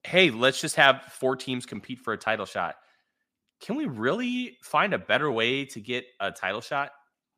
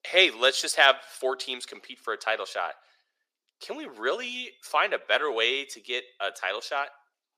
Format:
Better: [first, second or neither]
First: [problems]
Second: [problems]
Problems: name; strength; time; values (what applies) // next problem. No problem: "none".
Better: first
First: none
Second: thin; very; fading below 400 Hz